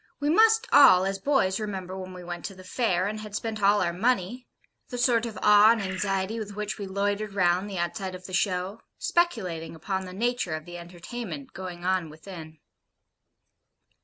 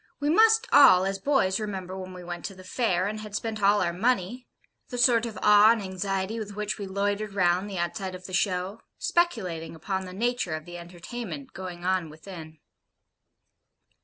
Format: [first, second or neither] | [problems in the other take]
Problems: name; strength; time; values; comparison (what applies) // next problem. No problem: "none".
second | background sound (Bird); 12 dB below the speech